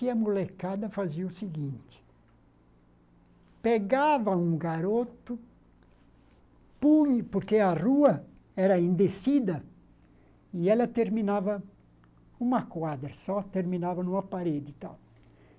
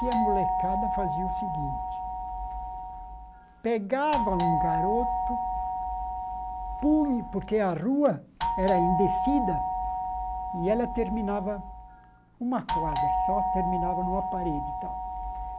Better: first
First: none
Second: background sound (Doorbell); as loud as the speech

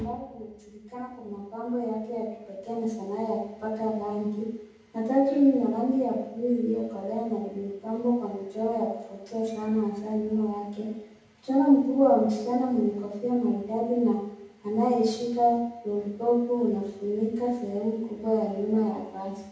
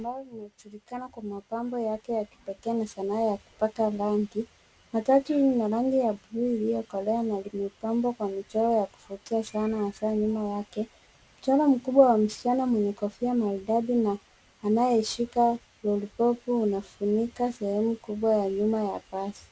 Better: second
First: room echo; dies away in 0.8 s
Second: none

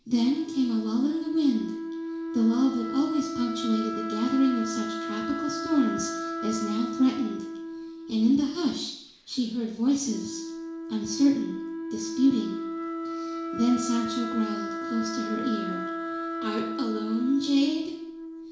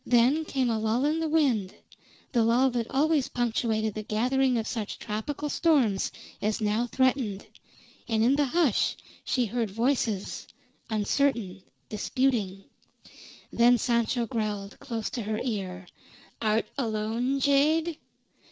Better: second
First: background sound (Wind instrument, woodwind instrument); 6 dB below the speech // room echo; dies away in 0.7 s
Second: none

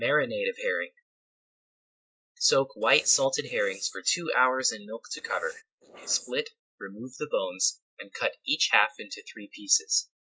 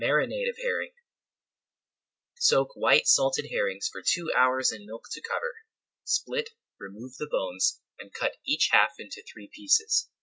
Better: second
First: noise reduction (neural mask model Resemble Enhance denoiser)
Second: none

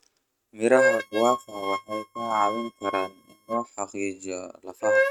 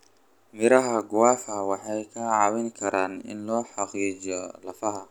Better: second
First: noise reduction (neural mask model RNNoise)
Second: none

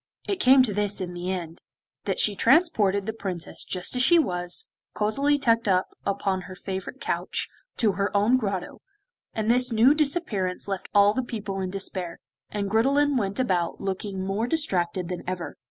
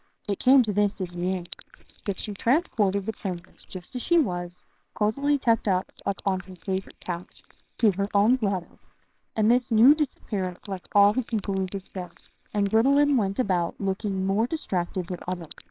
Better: first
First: none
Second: noise reduction (neural separator model SepFormer WHAMR!)

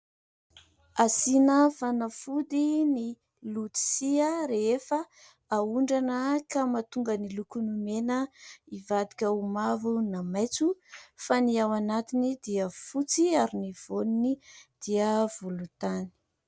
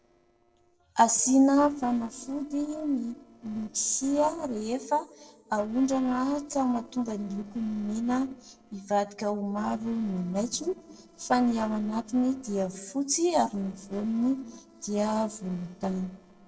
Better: first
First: none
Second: noise reduction (neural separator model SepFormer DNS4)

